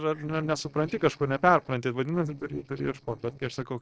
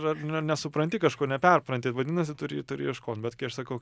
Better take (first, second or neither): second